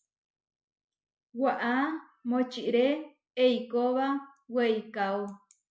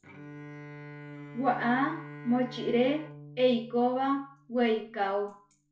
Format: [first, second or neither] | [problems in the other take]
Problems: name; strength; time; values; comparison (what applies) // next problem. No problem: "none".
first | background sound (Bowed string instrument); 16 dB below the speech // room echo; dies away in 0.3 s